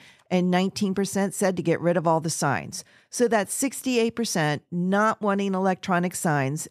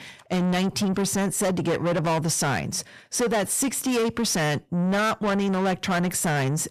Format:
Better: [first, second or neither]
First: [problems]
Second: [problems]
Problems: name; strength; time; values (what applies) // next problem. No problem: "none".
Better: first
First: none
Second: distortion; heavy; 6 dB below the speech